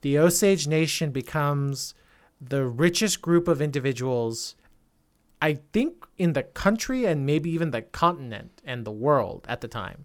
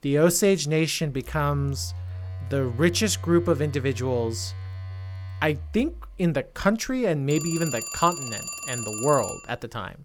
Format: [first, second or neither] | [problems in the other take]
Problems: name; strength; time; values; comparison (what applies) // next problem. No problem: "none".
first | alarms or sirens; loud; throughout; 9 dB below the speech